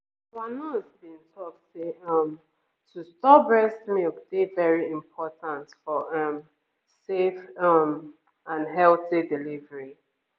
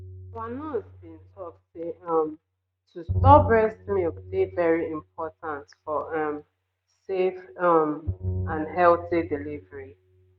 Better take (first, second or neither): first